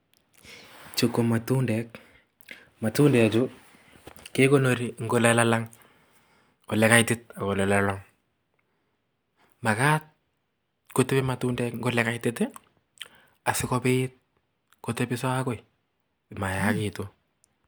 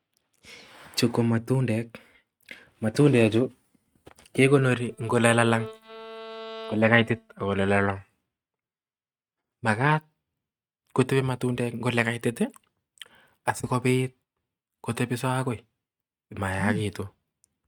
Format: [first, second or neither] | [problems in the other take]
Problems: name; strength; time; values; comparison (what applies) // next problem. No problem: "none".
first | noise reduction (neural mask model RNNoise)